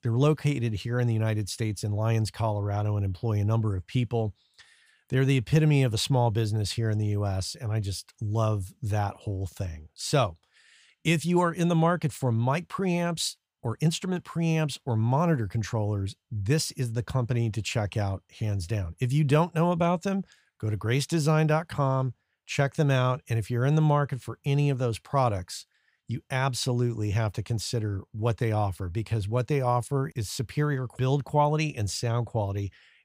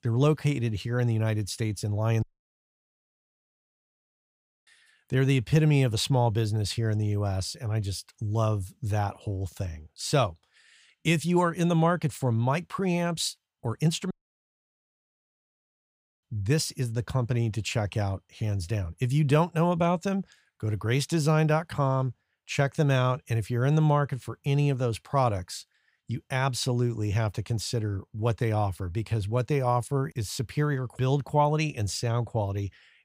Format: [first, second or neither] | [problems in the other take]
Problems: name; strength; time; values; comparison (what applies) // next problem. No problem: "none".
first | audio cutting out; at 2 s for 2.5 s and at 14 s for 2 s